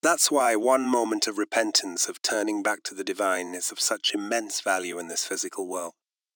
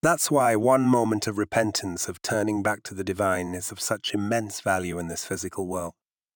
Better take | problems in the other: second | thin; very slightly; fading below 300 Hz

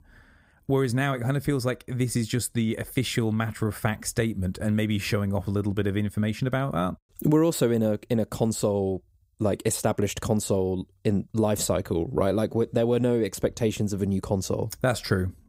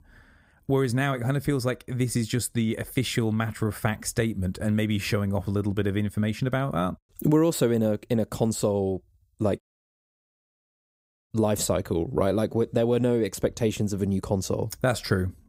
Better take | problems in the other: first | audio cutting out; at 9.5 s for 1.5 s

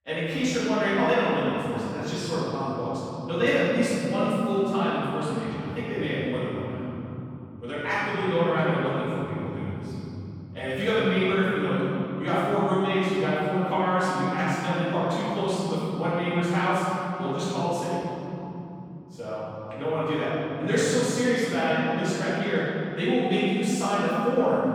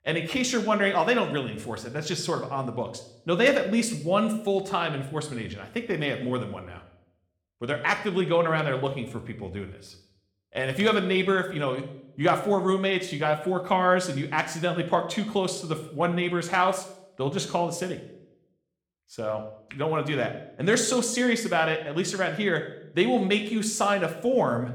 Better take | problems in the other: second | room echo; strong; dies away in 3 s; slight in the second // off-mic speech; far

